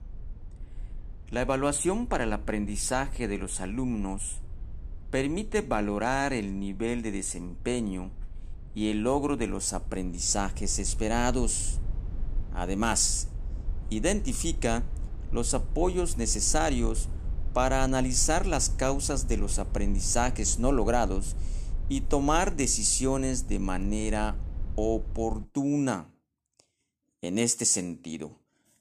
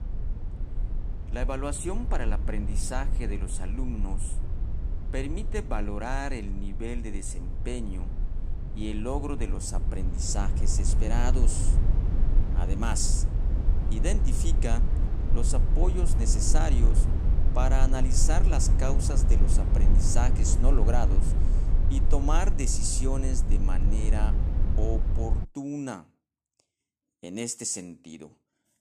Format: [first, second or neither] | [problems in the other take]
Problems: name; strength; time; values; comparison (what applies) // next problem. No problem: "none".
first | low rumble; loud; until 25 s; 8 dB below the speech; faint in the first